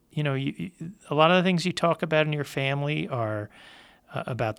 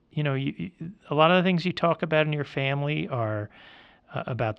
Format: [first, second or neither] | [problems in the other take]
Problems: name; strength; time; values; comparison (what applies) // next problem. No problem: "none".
first | muffled; very slightly; fading above 4 kHz